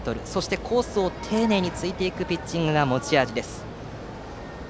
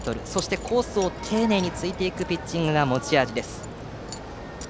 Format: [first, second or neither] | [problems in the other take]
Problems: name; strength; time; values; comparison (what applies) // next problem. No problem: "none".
first | background sound (Coin (dropping) / Zipper (clothing)); 20 dB below the speech